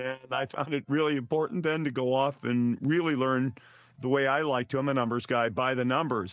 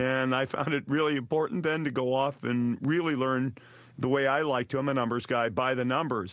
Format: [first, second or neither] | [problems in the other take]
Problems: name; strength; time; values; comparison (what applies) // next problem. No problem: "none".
second | noise reduction (neural mask model DeepFilterNet 3)